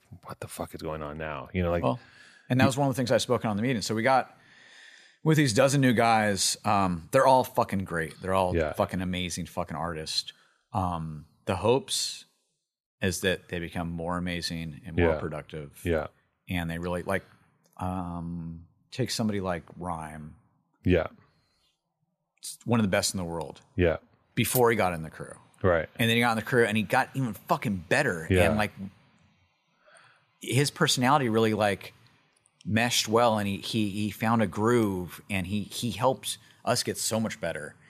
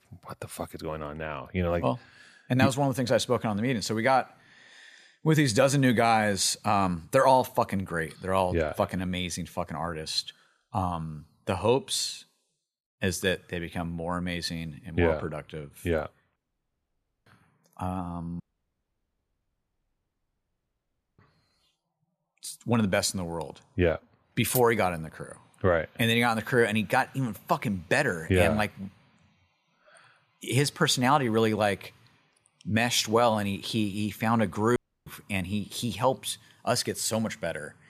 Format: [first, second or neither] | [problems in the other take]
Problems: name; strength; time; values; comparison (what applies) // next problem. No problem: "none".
first | audio cutting out; at 16 s for 1 s, at 18 s for 3 s and at 35 s